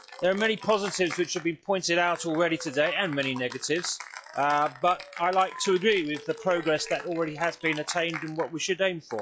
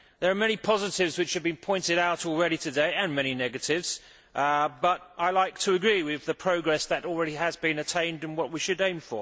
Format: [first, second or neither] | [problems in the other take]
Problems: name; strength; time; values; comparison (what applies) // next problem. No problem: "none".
second | noise reduction (classical method log-MMSE)